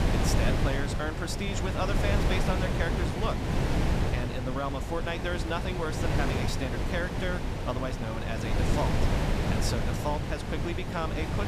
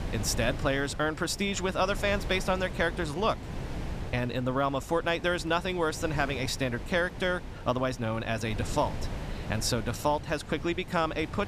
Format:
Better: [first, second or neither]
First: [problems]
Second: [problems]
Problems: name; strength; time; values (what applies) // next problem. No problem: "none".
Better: second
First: wind noise on the microphone; heavy; 1 dB below the speech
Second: wind noise on the microphone; occasional gusts; 15 dB below the speech